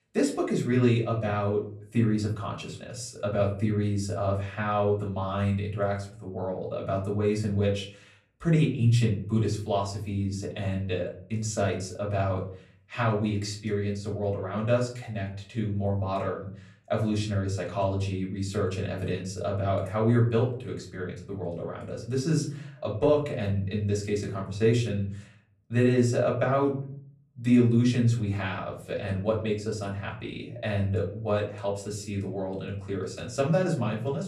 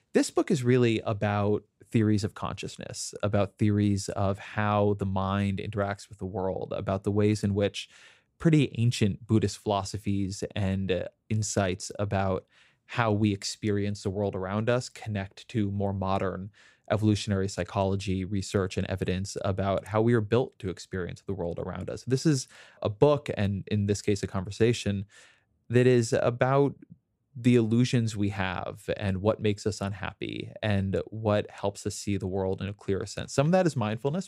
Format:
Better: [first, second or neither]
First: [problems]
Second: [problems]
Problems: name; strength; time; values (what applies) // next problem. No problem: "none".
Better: second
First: off-mic speech; far // room echo; slight; dies away in 0.4 s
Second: none